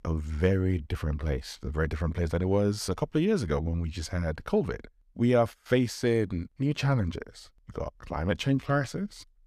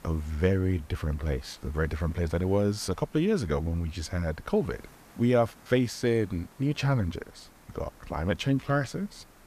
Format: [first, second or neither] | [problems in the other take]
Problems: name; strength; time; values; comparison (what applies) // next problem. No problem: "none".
first | hiss; faint; throughout; 25 dB below the speech